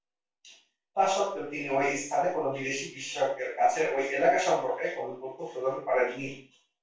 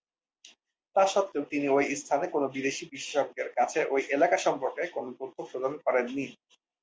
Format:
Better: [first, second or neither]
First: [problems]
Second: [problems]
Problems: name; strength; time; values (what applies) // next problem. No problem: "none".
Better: second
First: room echo; dies away in 0.3 s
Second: none